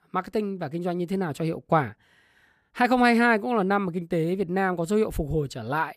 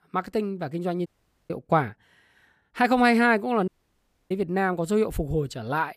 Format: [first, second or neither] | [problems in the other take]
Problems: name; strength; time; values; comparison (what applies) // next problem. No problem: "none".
first | audio cutting out; at 1 s and at 3.5 s for 0.5 s